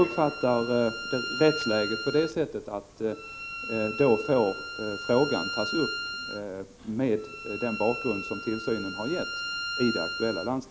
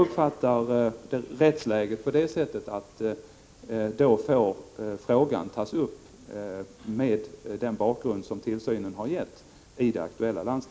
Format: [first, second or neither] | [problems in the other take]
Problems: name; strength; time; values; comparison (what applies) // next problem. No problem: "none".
second | background sound (Bowed string instrument); 8 dB below the speech